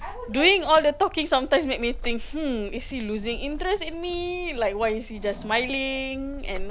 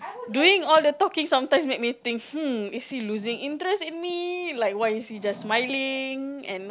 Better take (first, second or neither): second